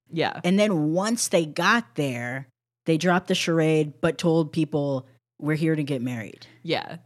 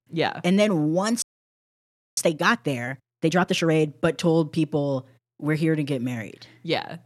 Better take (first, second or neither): first